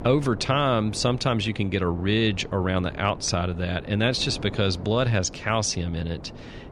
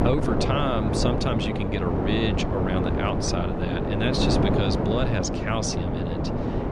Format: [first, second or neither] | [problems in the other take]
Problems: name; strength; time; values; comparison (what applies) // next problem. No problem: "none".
first | wind noise on the microphone; heavy; as loud as the speech; occasional gusts in the first